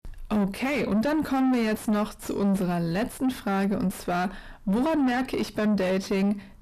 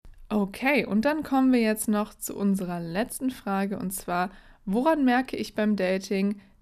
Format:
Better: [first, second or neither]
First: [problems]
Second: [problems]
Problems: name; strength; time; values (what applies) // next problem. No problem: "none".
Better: second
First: distortion; heavy; 6 dB below the speech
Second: none